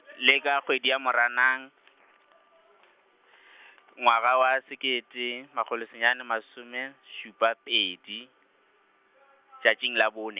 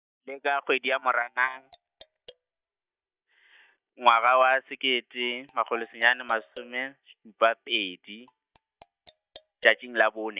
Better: first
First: none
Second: noise reduction (neural mask model DeepFilterNet 3)

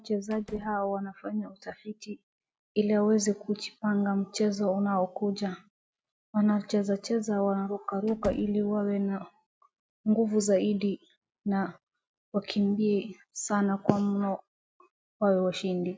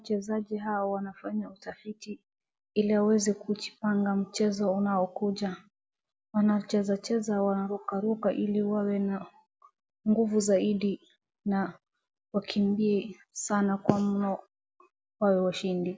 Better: second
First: noise reduction (neural mask model RNNoise)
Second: none

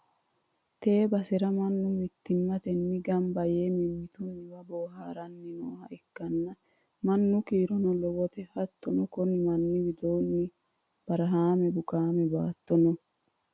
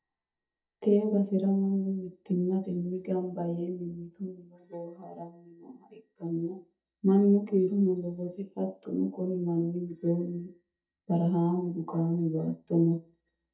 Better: first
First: none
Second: noise reduction (neural mask model DeepFilterNet 3)

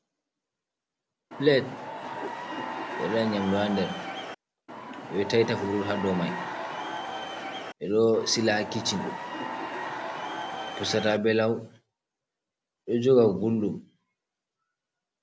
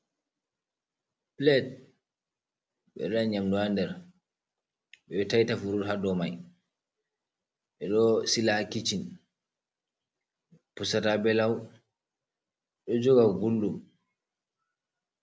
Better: second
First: background sound (Crowd / Cheering); 6 dB below the speech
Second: none

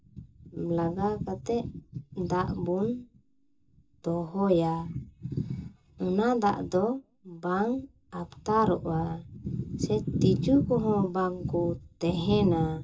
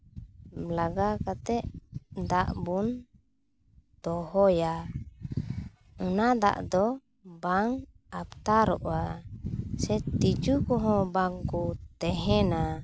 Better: second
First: room echo; dies away in 0.2 s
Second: none

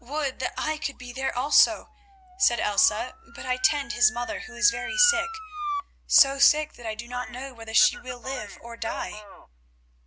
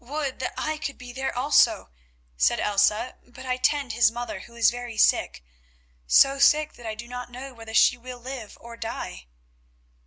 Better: second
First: background sound (Motor vehicle (road) / Siren); 11 dB below the speech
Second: none

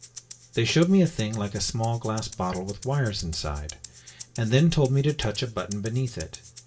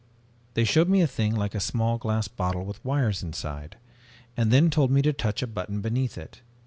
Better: second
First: background sound (Rattle (instrument)); 19 dB below the speech // room echo; dies away in 0.2 s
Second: none

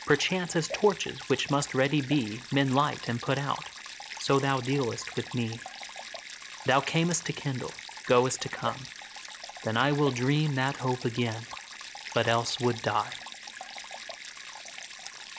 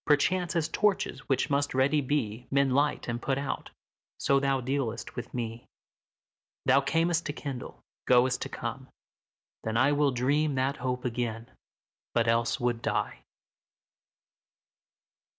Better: second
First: background sound (Stream); 13 dB below the speech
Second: none

